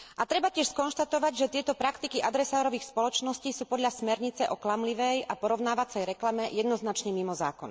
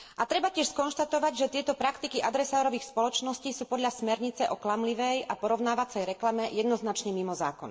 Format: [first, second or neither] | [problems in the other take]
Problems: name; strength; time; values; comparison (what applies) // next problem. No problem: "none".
first | room echo; dies away in 0.5 s